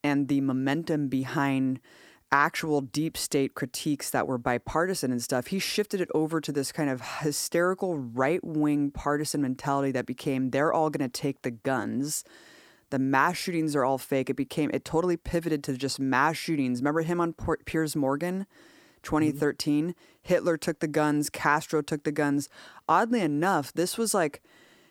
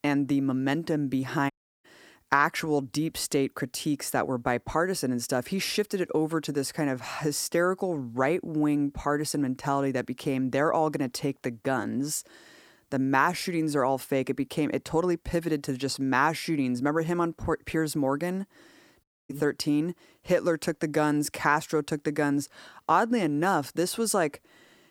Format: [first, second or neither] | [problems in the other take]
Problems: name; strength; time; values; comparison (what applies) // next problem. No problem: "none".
first | audio cutting out; at 1.5 s and at 19 s